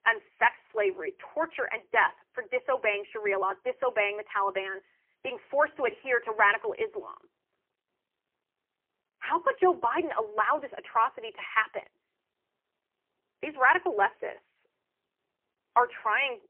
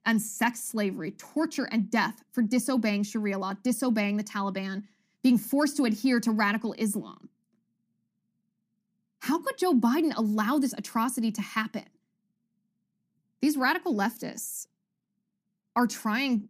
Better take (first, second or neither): second